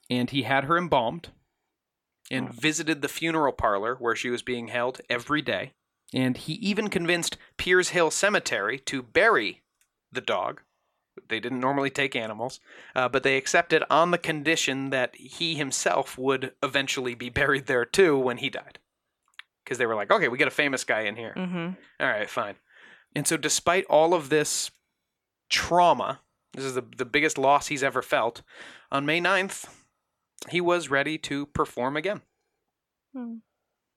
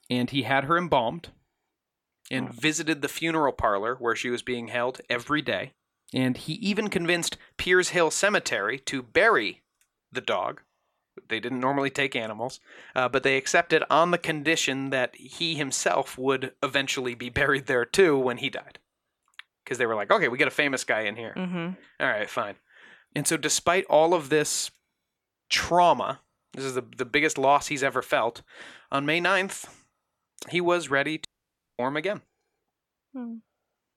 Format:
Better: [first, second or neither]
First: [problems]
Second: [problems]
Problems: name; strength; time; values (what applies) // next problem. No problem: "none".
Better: first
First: none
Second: audio cutting out; at 31 s for 0.5 s